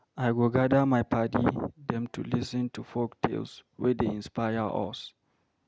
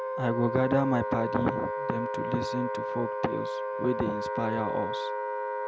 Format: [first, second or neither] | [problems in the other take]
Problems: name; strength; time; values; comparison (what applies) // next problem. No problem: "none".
first | background sound (Wind instrument, woodwind instrument); 1 dB below the speech